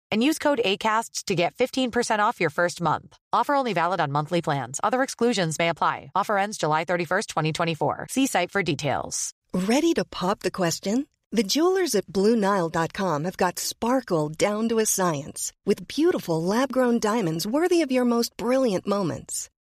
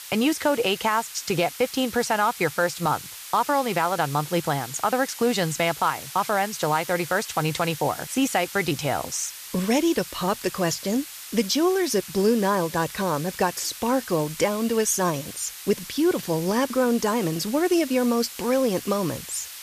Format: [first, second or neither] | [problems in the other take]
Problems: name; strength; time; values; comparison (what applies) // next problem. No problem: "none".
first | hiss; noticeable; throughout; 10 dB below the speech